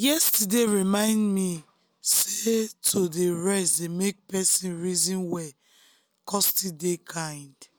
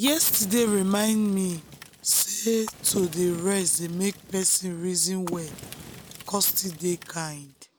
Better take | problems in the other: first | background sound (Fire); 18 dB below the speech

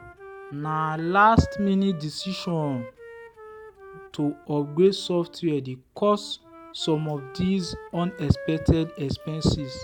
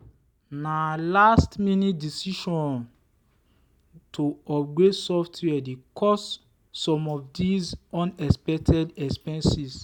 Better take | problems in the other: second | background sound (Wind instrument, woodwind instrument); 18 dB below the speech

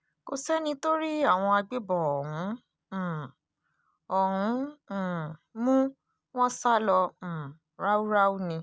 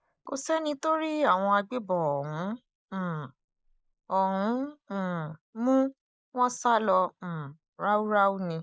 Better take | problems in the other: first | noise reduction (neural mask model Resemble Enhance denoiser)

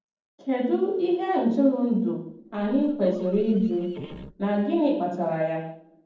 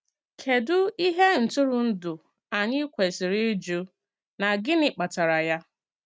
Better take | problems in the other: second | noise reduction (neural separator model SepFormer DNS4)

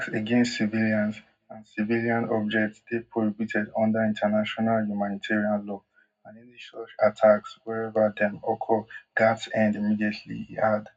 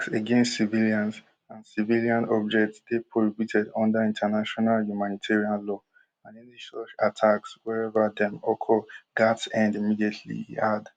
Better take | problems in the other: second | room echo; dies away in 0.3 s

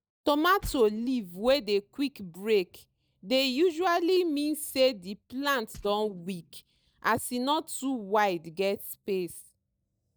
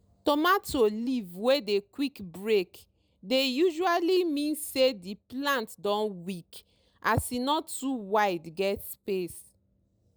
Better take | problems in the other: second | noise reduction (neural mask model DeepFilterNet 3)

